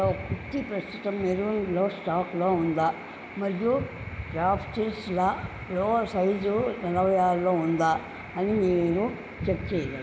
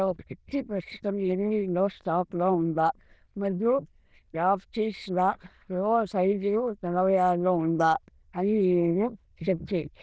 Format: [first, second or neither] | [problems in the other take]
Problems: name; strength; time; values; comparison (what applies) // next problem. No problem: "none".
first | noise reduction (neural diffusion model UNIVERSE++)